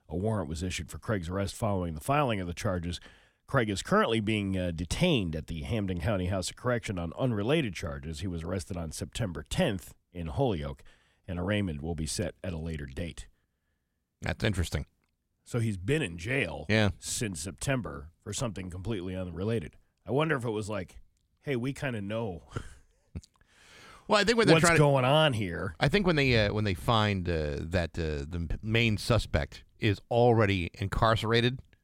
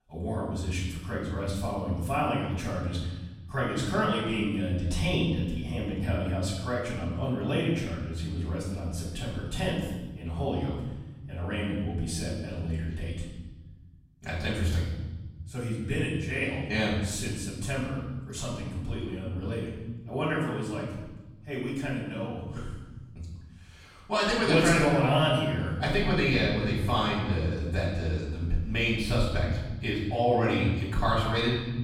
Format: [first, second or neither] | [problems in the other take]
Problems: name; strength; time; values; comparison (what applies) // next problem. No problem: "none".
first | room echo; noticeable; dies away in 1.2 s // off-mic speech; far